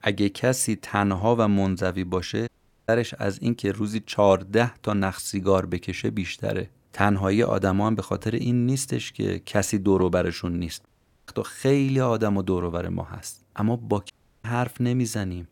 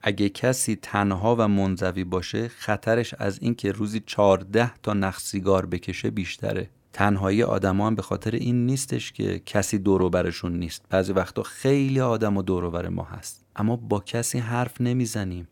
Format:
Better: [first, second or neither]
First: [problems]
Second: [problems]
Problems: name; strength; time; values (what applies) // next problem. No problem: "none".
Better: second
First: audio cutting out; at 2.5 s, at 11 s and at 14 s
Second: none